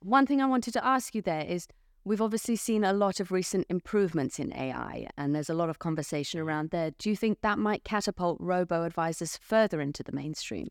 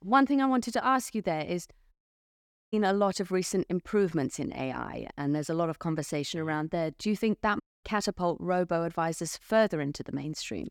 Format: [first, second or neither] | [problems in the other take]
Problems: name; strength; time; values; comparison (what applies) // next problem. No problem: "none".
first | audio cutting out; at 2 s for 1 s and at 7.5 s